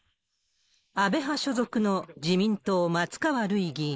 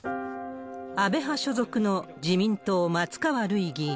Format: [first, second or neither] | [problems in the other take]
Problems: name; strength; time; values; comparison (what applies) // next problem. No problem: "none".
second | noise reduction (neural mask model Resemble Enhance denoiser)